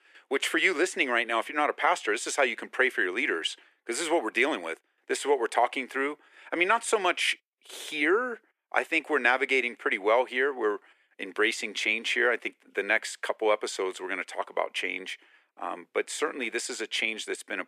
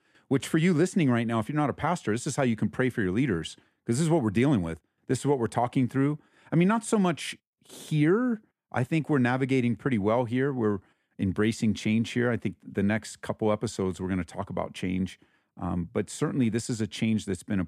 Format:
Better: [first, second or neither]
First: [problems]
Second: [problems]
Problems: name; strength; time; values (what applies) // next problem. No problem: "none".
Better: second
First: thin; very; fading below 350 Hz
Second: none